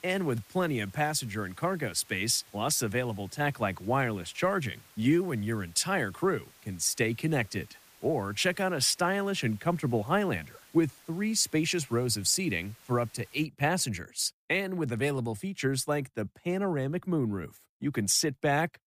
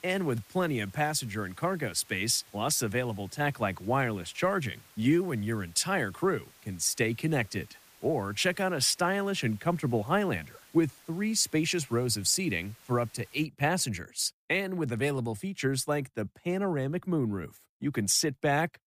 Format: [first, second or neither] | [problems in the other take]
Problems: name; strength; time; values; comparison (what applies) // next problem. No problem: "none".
neither | hiss; faint; until 13 s; 25 dB below the speech; the same in both